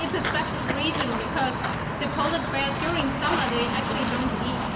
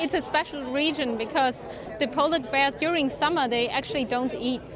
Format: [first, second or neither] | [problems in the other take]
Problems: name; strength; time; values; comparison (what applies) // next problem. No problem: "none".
second | background sound (Walk, footsteps); 1 dB above the speech // room echo; dies away in 2.6 s